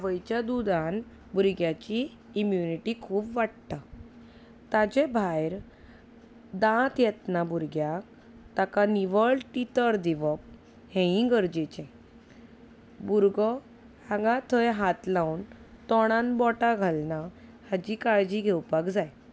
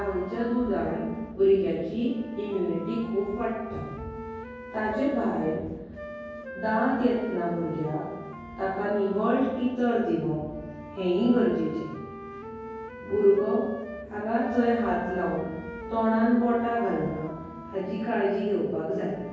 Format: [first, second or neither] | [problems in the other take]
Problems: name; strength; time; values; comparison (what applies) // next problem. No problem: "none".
first | background sound (Wind instrument, woodwind instrument); 15 dB below the speech // room echo; dies away in 1.3 s